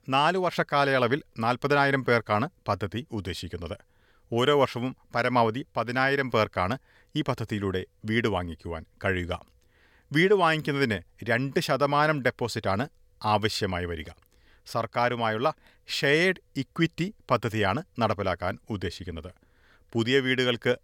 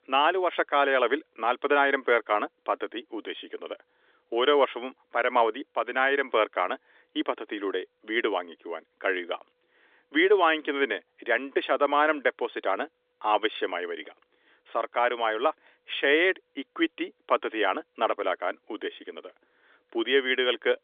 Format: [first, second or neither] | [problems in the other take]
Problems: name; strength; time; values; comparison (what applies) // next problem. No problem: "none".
first | phone-call audio; nothing above 3.5 kHz